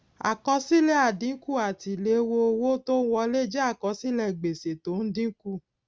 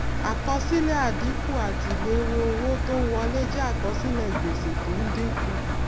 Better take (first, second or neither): first